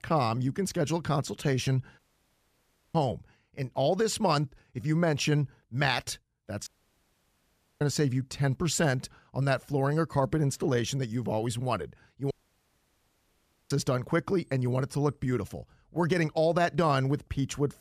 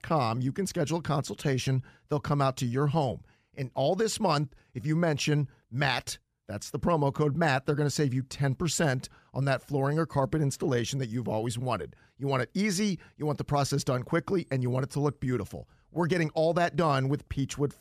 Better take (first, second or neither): second